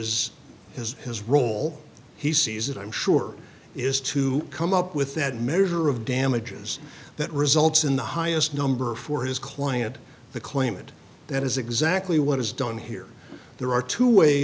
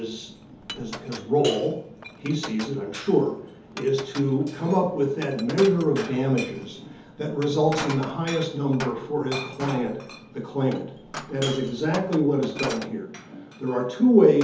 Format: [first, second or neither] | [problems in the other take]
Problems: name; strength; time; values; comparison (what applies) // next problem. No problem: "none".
first | background sound (Glass); 14 dB below the speech // room echo; dies away in 0.6 s